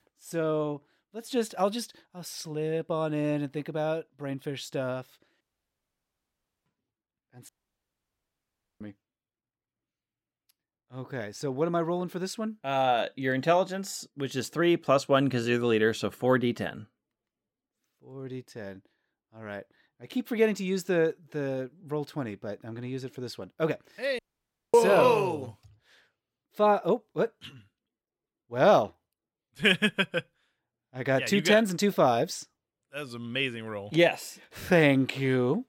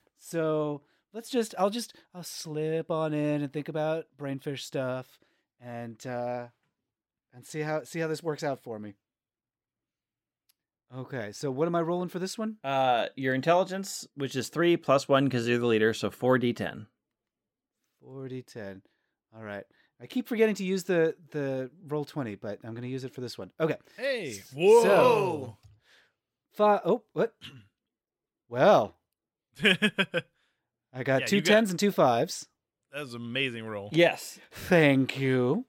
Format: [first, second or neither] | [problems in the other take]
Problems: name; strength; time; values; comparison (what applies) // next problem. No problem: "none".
second | audio cutting out; at 5.5 s for 1.5 s, at 7.5 s for 1.5 s and at 24 s for 0.5 s